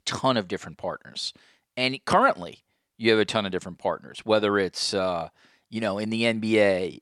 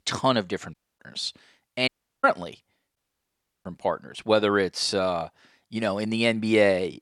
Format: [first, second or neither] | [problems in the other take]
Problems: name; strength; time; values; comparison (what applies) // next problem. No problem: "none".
first | audio cutting out; at 0.5 s, at 2 s and at 3 s for 0.5 s